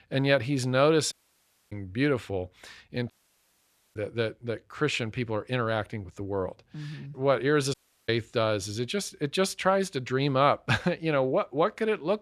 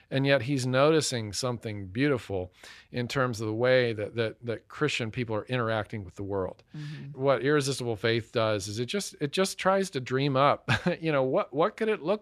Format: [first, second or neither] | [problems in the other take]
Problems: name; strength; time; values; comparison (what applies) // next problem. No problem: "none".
second | audio cutting out; at 1 s for 0.5 s, at 3 s for 1 s and at 7.5 s